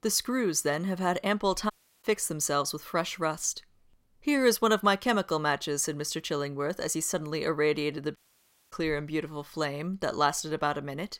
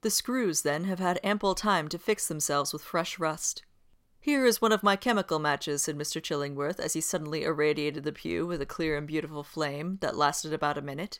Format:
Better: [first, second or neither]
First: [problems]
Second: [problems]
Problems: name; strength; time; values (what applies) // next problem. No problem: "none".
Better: second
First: audio cutting out; at 1.5 s and at 8 s for 0.5 s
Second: none